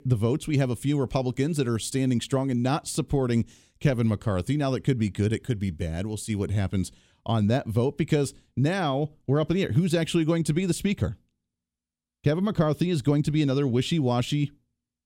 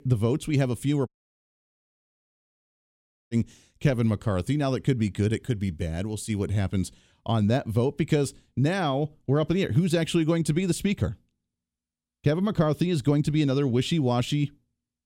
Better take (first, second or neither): first